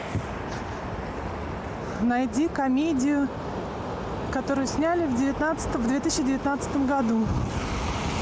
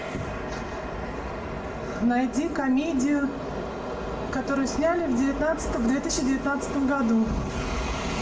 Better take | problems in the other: first | room echo; dies away in 0.6 s

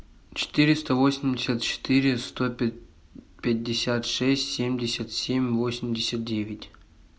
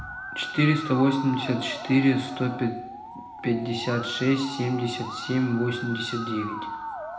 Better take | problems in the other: first | background sound (Musical instrument); 10 dB below the speech // room echo; dies away in 0.9 s

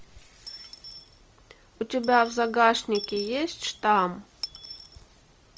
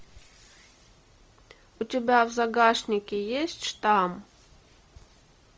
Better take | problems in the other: second | background sound (Coin (dropping) / Dishes, pots, and pans); 17 dB below the speech

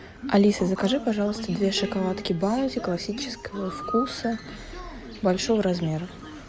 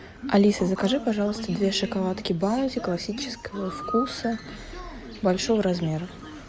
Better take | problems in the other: second | background sound (Piano); 19 dB below the speech

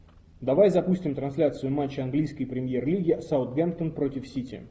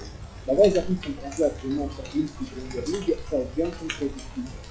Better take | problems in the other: first | noise reduction (classical method log-MMSE)

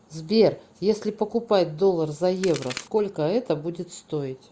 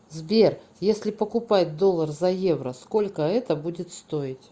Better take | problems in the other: second | background sound (Crack); 12 dB below the speech

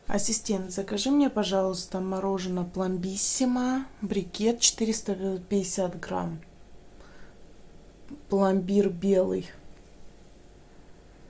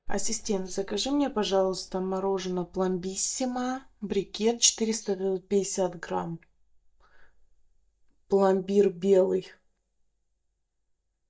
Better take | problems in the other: first | noise reduction (neural mask model DeepFilterNet 3)

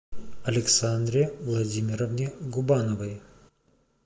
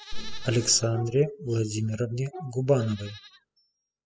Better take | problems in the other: first | noise reduction (classical method spectral subtraction)

